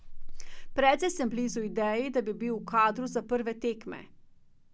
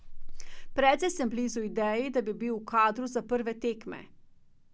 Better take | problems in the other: second | background sound (Telephone); 19 dB below the speech

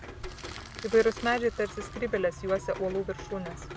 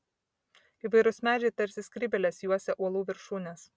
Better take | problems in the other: second | background sound (Crumpling, crinkling + Rain); 11 dB below the speech

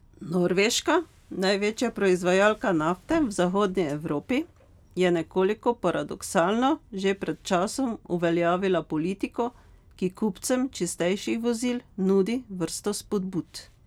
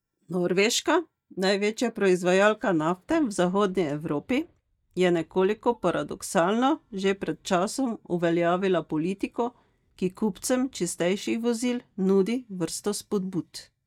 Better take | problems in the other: first | noise reduction (neural mask model DeepFilterNet 3)

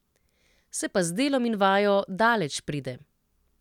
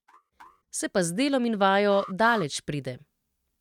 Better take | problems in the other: first | noise reduction (neural mask model RNNoise)

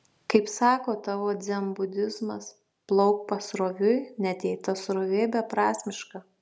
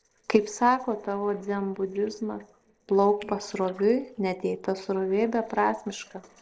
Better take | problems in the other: first | noise reduction (neural separator model SepFormer DNS4)

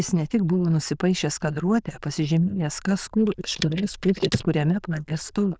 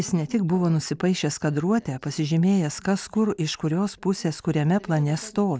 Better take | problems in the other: second | noise reduction (neural diffusion model UNIVERSE++)

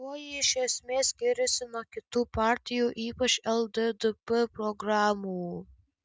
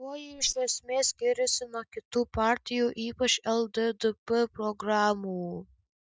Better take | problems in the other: first | noise reduction (neural mask model DeepFilterNet 3)

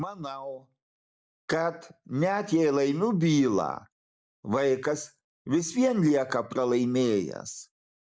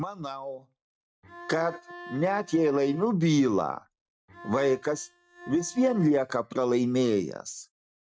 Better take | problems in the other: first | noise reduction (neural mask model RNNoise)

